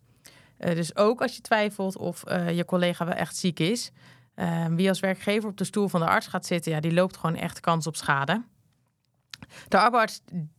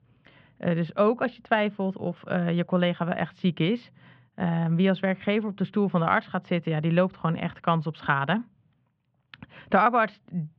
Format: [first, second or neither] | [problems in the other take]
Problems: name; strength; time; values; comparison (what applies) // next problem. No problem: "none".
first | muffled; very; fading above 3 kHz